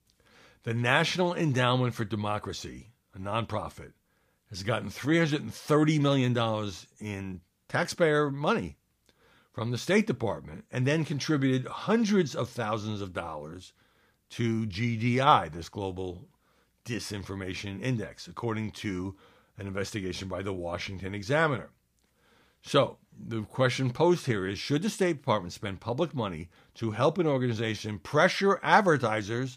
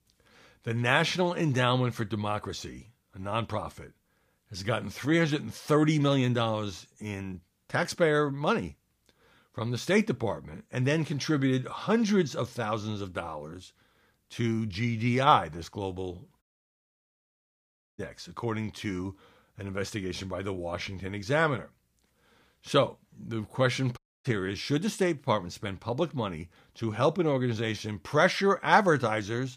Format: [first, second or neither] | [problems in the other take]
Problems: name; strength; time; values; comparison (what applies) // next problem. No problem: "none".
first | audio cutting out; at 16 s for 1.5 s and at 24 s